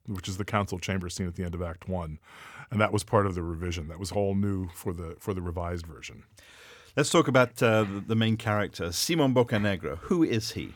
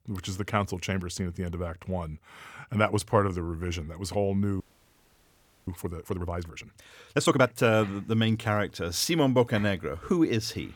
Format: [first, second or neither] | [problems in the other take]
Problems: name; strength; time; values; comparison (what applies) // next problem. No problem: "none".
first | audio freezing; at 4.5 s for 1 s